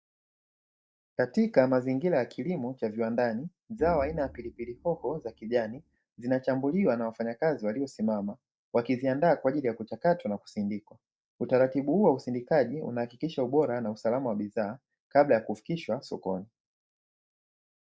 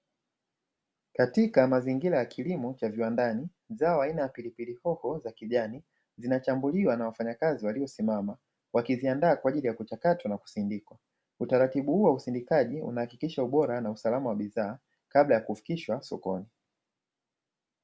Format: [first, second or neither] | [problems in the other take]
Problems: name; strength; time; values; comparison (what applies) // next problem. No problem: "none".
second | noise reduction (neural mask model DeepFilterNet 3)